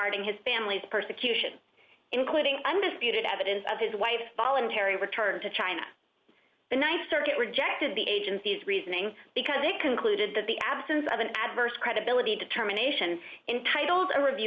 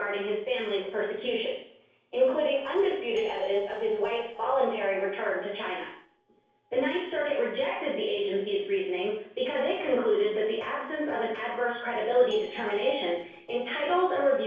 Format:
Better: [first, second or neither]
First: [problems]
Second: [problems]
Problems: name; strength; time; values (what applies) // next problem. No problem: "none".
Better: first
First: none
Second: noise reduction (neural separator model SepFormer DNS4)